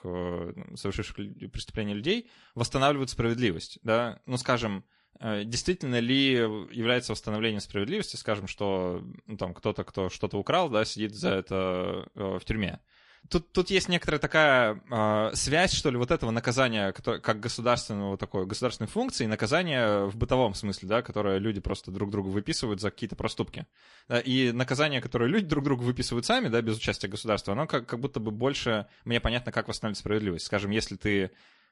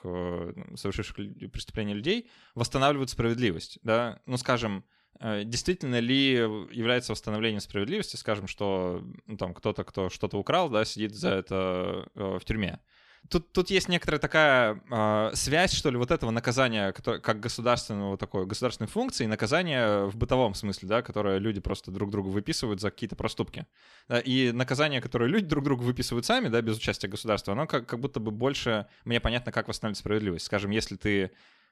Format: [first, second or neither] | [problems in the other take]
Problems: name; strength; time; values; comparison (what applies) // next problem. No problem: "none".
second | garbled, watery; slightly; nothing above 11 kHz